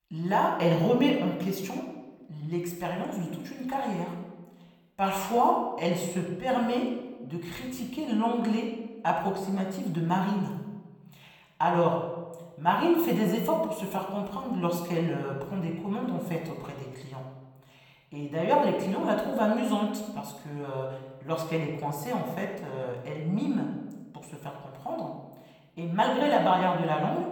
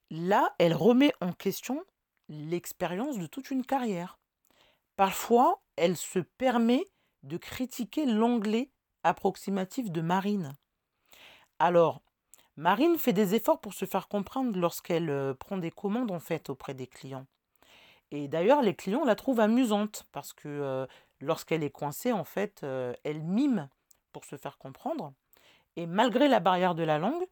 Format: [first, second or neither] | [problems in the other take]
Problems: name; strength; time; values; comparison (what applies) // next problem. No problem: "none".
second | off-mic speech; far // room echo; noticeable; dies away in 1 s